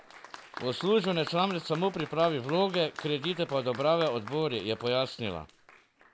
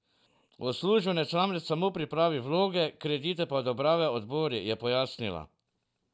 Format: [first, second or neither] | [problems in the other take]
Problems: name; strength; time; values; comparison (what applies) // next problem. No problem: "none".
second | background sound (Applause); 16 dB below the speech